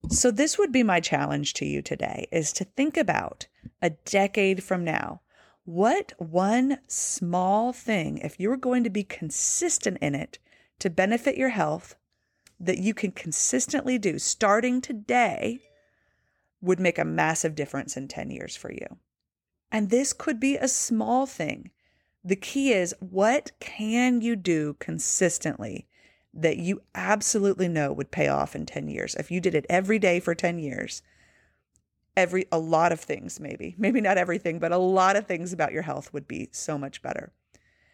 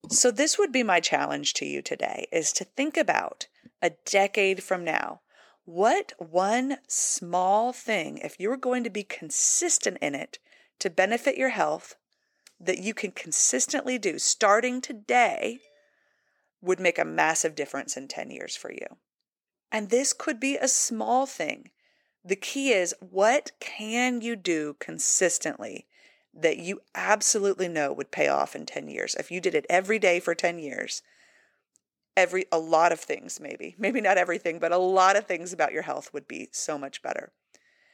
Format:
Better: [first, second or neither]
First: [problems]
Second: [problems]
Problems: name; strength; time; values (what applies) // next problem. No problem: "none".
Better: first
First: none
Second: thin; somewhat; fading below 350 Hz